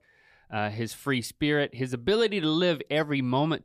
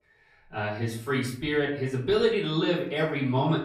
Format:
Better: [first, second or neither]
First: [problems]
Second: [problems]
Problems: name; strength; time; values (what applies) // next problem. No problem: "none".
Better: first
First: none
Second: room echo; slight; dies away in 0.5 s // off-mic speech; far